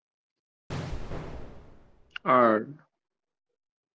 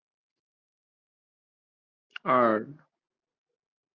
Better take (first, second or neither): second